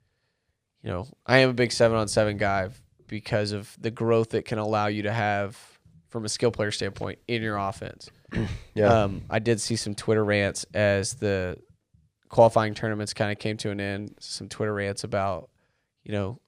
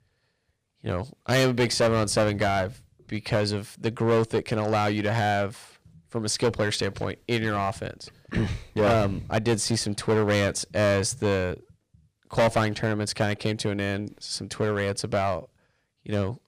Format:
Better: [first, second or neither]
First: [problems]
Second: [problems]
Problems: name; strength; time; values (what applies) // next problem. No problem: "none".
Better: first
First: none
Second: distortion; heavy; 7% of the sound clipped